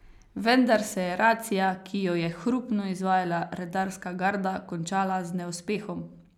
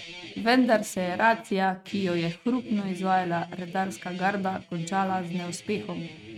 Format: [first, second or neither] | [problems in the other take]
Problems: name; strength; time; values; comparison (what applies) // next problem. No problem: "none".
first | noise reduction (neural mask model RNNoise)